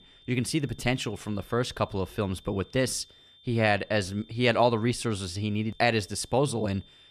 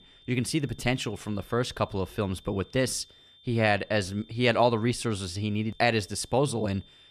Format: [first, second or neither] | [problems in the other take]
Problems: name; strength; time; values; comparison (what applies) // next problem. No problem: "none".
neither | high-pitched whine; faint; throughout; 3.5 kHz, 25 dB below the speech; the same in both